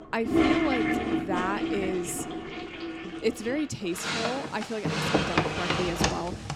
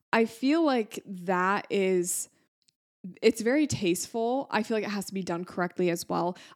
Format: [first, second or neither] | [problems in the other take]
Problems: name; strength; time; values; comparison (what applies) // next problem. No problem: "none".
second | household noises; very loud; throughout; 3 dB above the speech